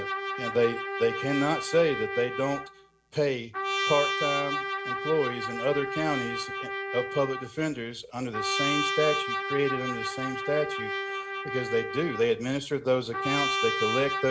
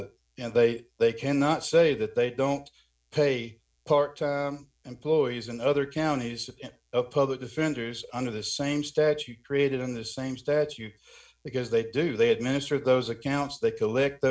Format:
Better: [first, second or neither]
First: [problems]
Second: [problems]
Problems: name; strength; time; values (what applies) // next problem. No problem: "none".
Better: second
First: background sound (Trumpet); 3 dB below the speech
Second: none